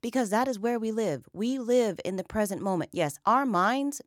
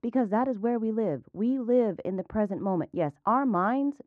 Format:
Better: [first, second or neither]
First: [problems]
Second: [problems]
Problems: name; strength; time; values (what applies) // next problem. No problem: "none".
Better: first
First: none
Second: muffled; very; fading above 1.5 kHz